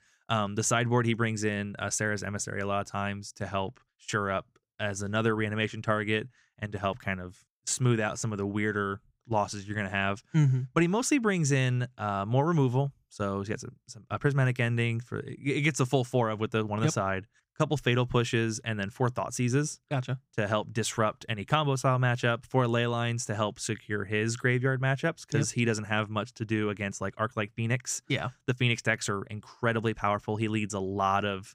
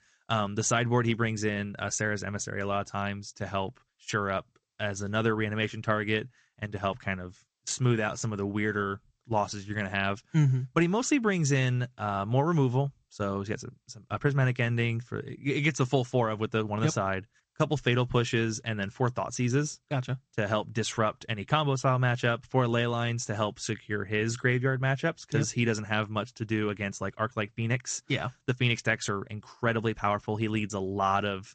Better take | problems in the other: first | garbled, watery; slightly; nothing above 8 kHz

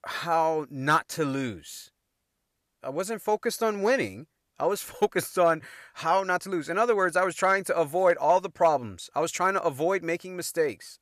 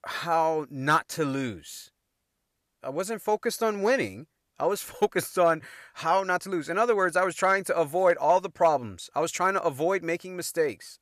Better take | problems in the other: neither | none

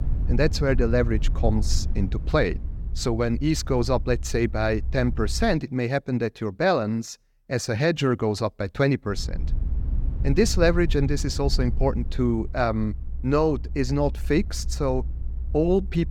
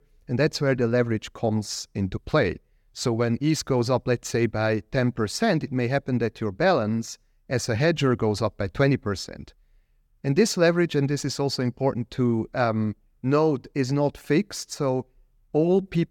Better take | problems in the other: second | low rumble; faint; until 5.5 s and from 9 s on; 20 dB below the speech

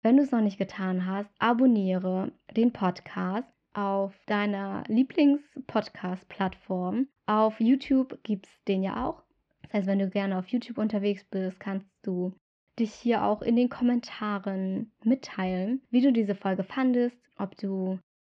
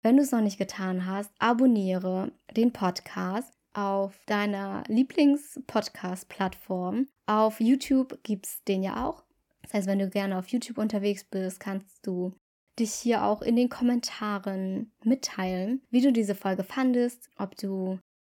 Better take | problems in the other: second | muffled; slightly; fading above 4 kHz

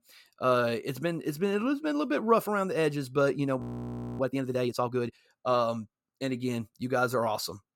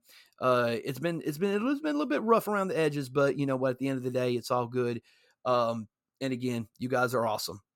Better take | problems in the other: second | audio freezing; at 3.5 s for 0.5 s

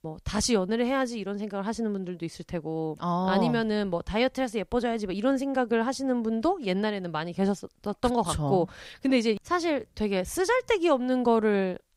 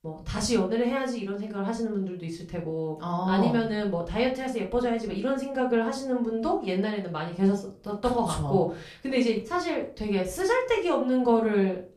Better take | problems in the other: first | off-mic speech; far // room echo; slight; dies away in 0.3 s

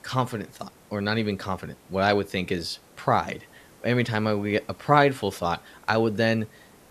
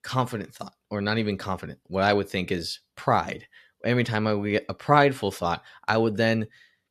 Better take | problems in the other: second | hiss; faint; throughout; 25 dB below the speech

